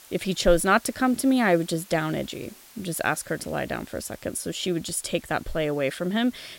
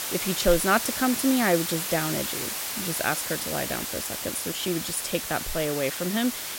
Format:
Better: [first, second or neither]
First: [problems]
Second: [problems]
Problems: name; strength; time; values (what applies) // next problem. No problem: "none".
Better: first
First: hiss; faint; throughout; 25 dB below the speech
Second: hiss; loud; throughout; 2 dB below the speech